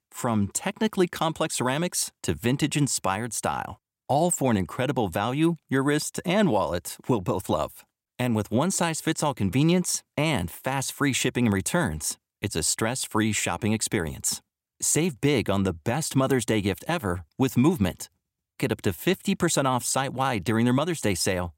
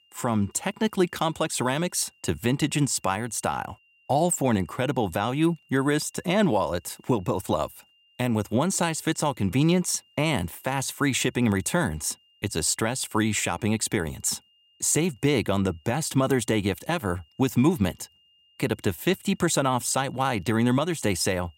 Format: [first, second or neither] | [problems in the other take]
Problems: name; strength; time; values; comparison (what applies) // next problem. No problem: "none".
first | high-pitched whine; faint; throughout; 3 kHz, 35 dB below the speech